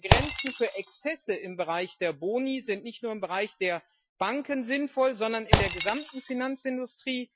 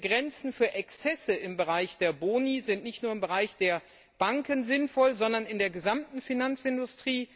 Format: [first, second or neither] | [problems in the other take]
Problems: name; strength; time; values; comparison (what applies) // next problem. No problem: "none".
second | noise reduction (classical method Wiener filter)